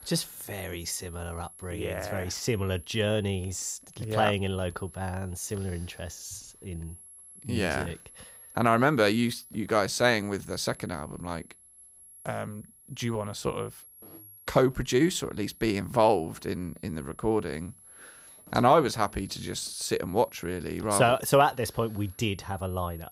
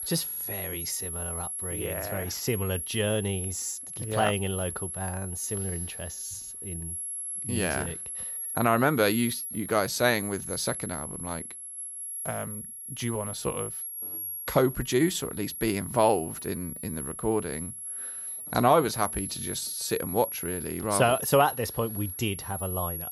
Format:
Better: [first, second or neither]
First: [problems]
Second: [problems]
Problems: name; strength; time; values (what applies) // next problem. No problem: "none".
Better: first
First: high-pitched whine; faint; throughout; 11 kHz, 20 dB below the speech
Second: high-pitched whine; loud; throughout; 11 kHz, 5 dB below the speech